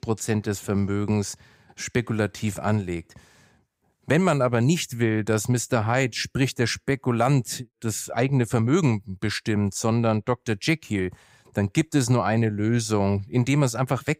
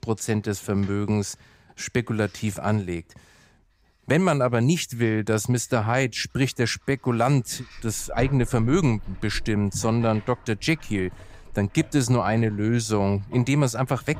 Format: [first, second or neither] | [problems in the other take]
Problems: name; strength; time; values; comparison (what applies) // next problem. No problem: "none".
first | household noises; noticeable; throughout; 20 dB below the speech